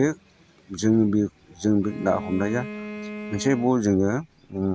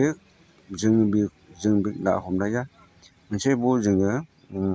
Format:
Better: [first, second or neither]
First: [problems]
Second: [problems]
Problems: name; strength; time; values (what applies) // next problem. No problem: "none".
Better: second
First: background sound (Bowed string instrument); 13 dB below the speech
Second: none